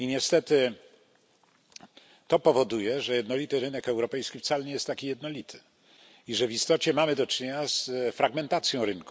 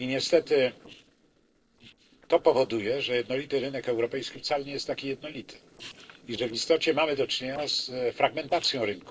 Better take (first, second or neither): first